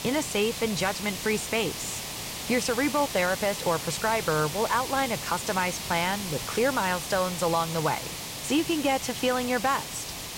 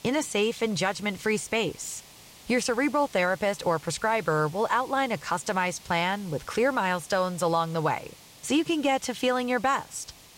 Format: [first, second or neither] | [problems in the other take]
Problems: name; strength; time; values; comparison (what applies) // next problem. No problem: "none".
second | hiss; loud; throughout; 6 dB below the speech; faint in the second